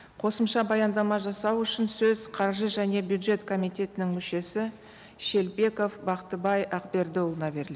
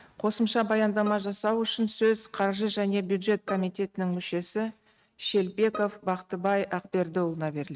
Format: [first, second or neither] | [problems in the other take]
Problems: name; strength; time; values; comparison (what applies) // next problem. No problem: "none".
first | noise reduction (neural mask model RNNoise)